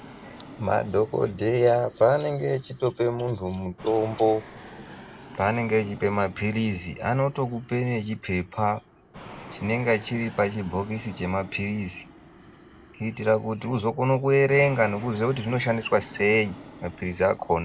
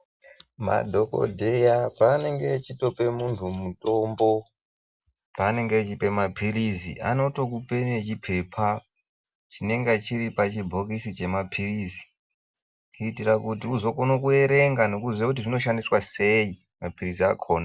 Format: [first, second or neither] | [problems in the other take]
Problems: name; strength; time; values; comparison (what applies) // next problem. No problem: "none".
second | background sound (Fixed-wing aircraft, airplane); 20 dB below the speech